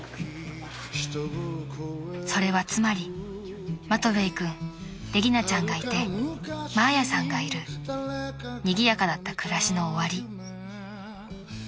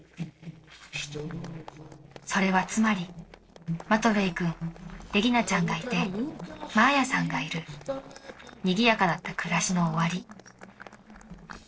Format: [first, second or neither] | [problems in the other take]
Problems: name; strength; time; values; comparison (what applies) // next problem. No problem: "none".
first | noise reduction (neural separator model SepFormer DNS4)